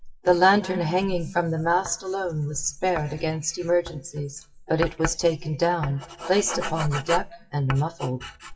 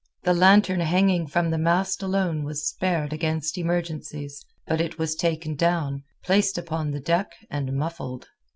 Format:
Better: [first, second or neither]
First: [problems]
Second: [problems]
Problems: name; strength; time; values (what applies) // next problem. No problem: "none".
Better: second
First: noise reduction (classical method WPE with log-MMSE)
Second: none